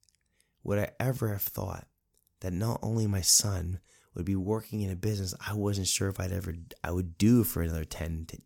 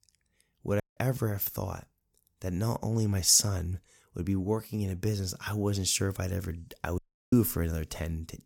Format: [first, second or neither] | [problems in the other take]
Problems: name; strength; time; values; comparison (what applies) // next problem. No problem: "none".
first | audio cutting out; at 1 s and at 7 s